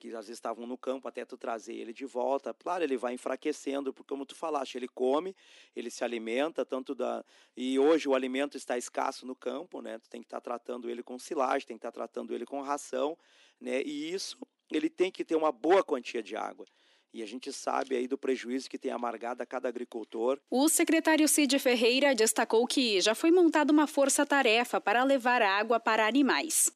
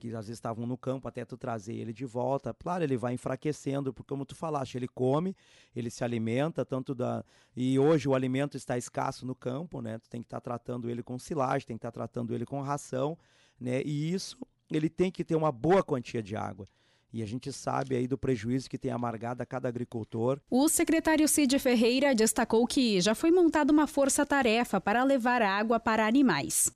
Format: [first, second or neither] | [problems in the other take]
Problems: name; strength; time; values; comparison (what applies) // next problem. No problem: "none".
second | thin; very slightly; fading below 250 Hz